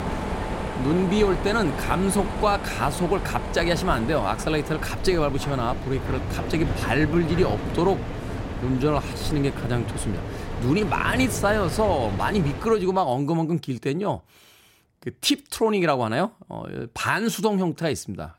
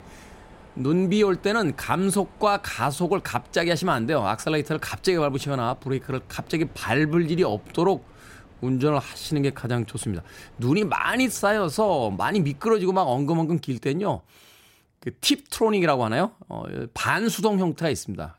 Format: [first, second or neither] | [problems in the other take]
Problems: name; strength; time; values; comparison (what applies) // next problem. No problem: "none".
second | machinery noise; loud; until 13 s; 6 dB below the speech; faint in the second